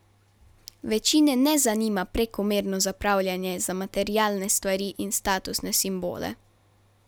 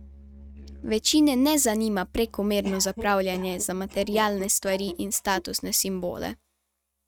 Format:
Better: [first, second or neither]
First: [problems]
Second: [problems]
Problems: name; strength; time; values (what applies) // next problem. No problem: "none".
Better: first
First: none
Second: noise reduction (neural mask model RNNoise)